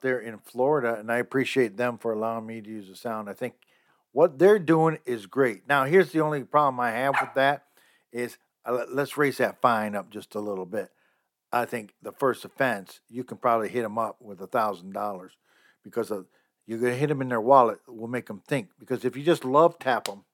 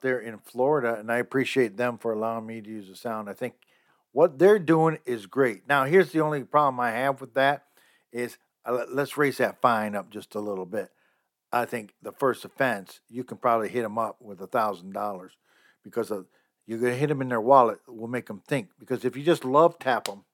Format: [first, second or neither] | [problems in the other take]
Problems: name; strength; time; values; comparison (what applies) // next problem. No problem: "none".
second | dog barking; noticeable; at 7 s; peak 3 dB below the speech